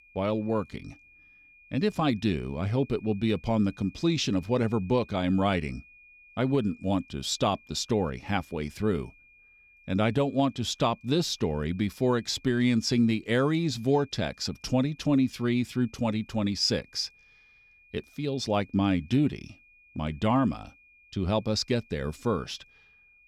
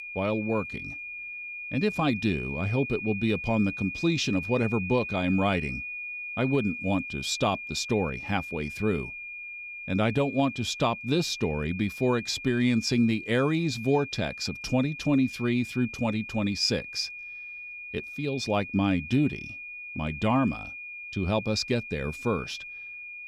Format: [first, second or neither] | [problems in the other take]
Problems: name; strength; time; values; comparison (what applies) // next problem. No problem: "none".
first | high-pitched whine; loud; throughout; 2.5 kHz, 9 dB below the speech; faint in the first